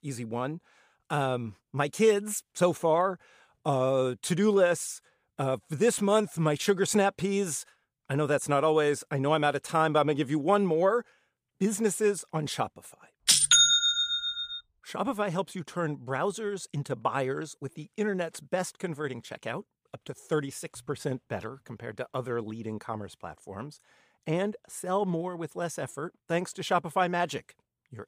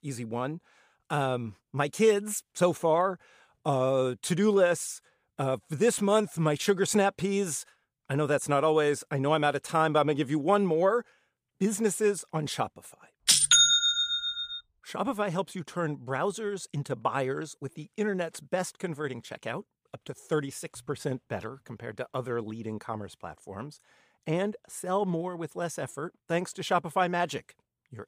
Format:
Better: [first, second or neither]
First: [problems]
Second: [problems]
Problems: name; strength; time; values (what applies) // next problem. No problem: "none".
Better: neither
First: none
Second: none